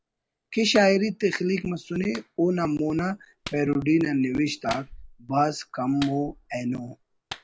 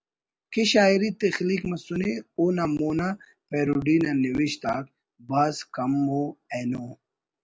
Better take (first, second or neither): second